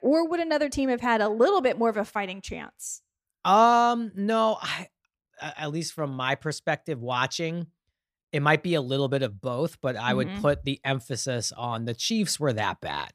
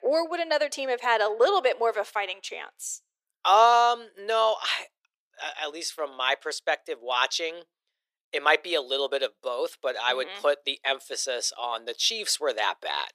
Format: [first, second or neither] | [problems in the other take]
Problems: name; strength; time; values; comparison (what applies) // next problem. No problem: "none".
first | thin; very; fading below 400 Hz